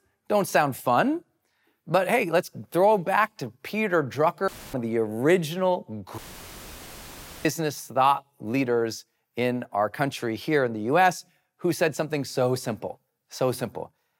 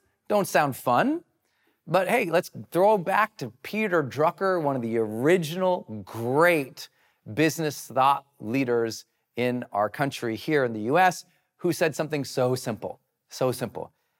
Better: second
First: audio cutting out; filled with static; at 4.5 s and at 6 s for 1.5 s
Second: none

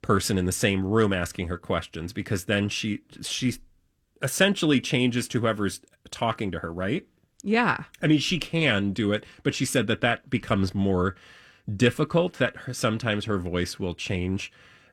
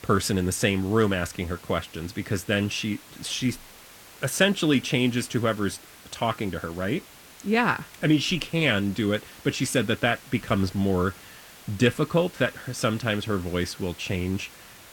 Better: first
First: none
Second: hiss; faint; throughout; 20 dB below the speech

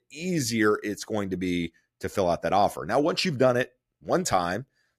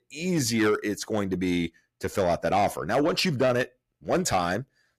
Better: first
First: none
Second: distortion; slight; 10 dB below the speech

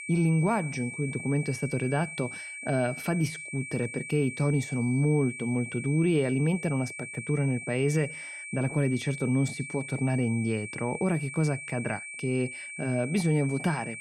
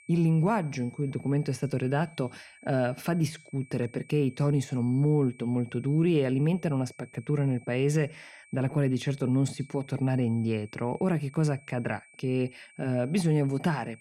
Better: second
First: high-pitched whine; loud; throughout; 2.5 kHz, 9 dB below the speech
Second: high-pitched whine; faint; throughout; 2.5 kHz, 25 dB below the speech

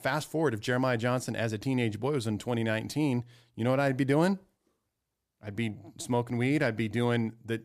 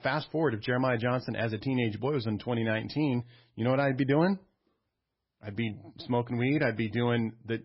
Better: first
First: none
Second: garbled, watery; badly; nothing above 5.5 kHz

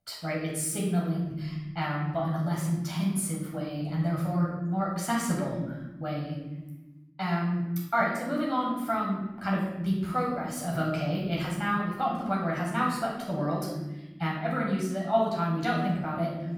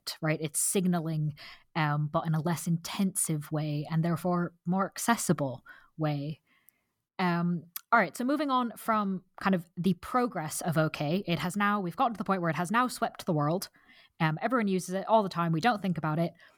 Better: second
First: off-mic speech; far // room echo; noticeable; dies away in 1.1 s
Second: none

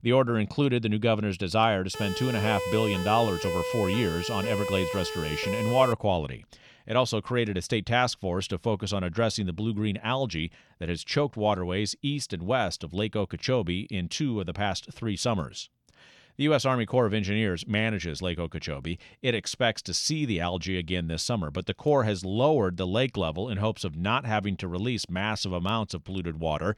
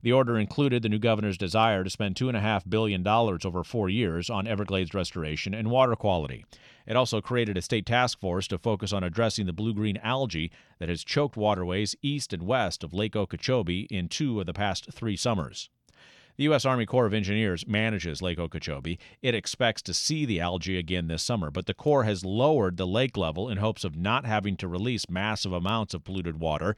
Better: second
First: siren; noticeable; from 2 to 6 s; peak 3 dB below the speech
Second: none

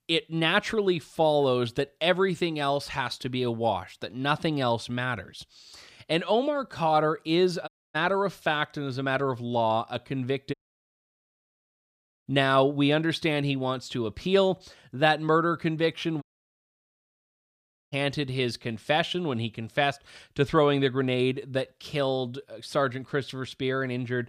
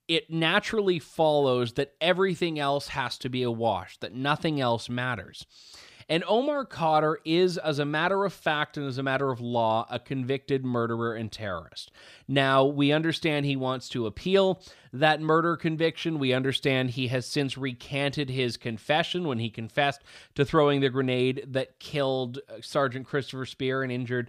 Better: second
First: audio cutting out; at 7.5 s, at 11 s for 1.5 s and at 16 s for 1.5 s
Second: none

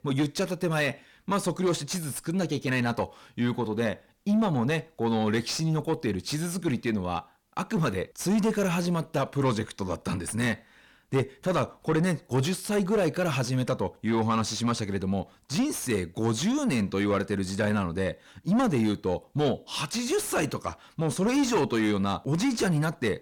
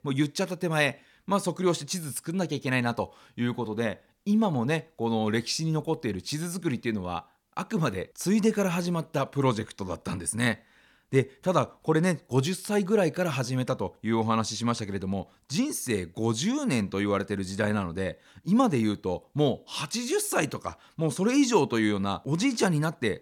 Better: second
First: distortion; slight; 10 dB below the speech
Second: none

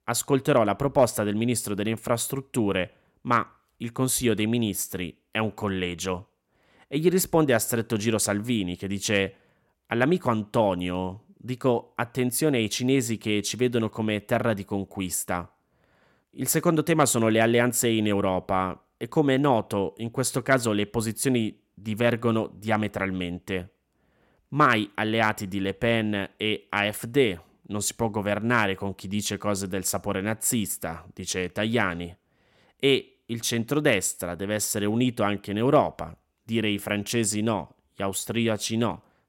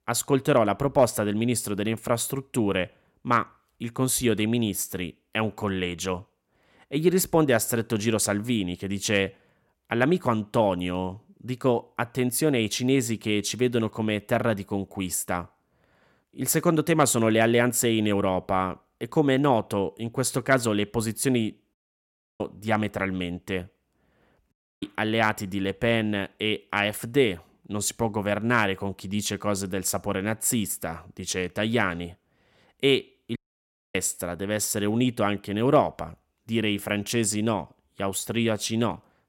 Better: first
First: none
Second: audio cutting out; at 22 s for 0.5 s, at 25 s and at 33 s for 0.5 s

